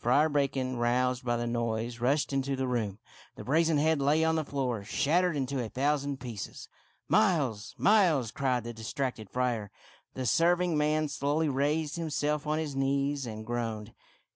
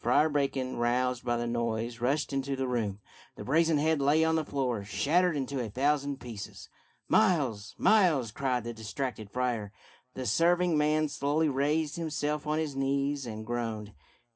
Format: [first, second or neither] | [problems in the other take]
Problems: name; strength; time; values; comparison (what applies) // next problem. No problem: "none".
first | room echo; dies away in 0.3 s